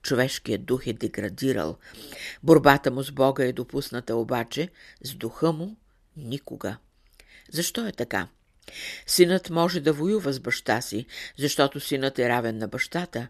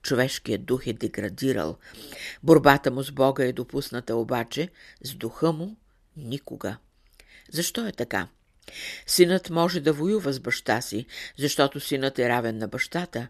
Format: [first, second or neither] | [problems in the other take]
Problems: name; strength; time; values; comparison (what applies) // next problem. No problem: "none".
neither | none